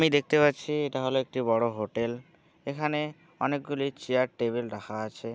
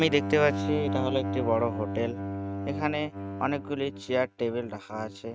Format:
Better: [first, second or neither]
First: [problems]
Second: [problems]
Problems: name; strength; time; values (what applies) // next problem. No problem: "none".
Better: first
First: none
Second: noise reduction (neural mask model RNNoise)